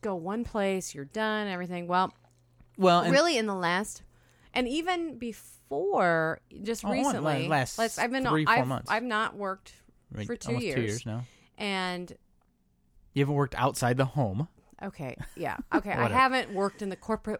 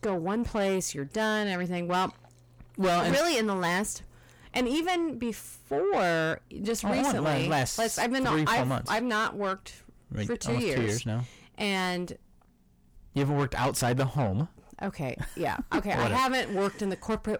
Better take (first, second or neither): first